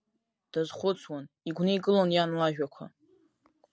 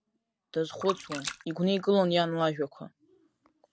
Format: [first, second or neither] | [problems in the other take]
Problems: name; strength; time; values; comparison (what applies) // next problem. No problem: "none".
first | background sound (Splash, splatter); 12 dB below the speech